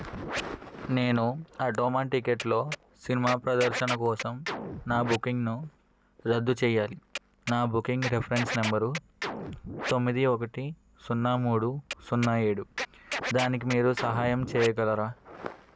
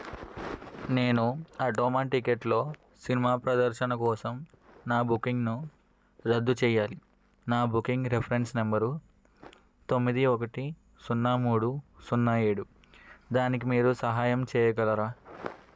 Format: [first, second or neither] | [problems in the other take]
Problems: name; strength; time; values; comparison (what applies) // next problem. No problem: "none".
second | background sound (Scratching (performance technique)); 10 dB below the speech